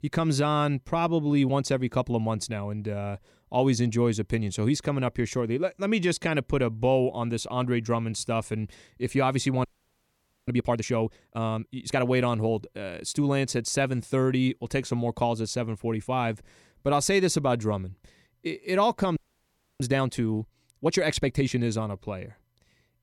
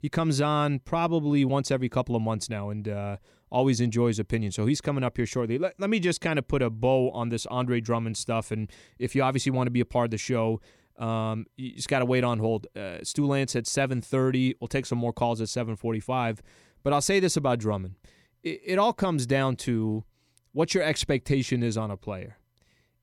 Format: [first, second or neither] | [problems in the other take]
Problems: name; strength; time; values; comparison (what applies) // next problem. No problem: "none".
second | audio freezing; at 9.5 s for 1 s and at 19 s for 0.5 s